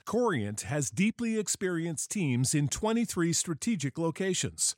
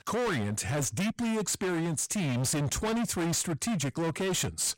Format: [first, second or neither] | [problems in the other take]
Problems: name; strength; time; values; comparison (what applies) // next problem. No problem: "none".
first | distortion; heavy; 41% of the sound clipped